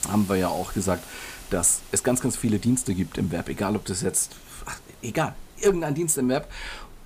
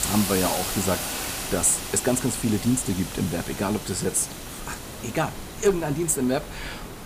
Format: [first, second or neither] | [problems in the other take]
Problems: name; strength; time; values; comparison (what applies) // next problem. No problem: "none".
first | hiss; loud; throughout; 7 dB below the speech; faint in the first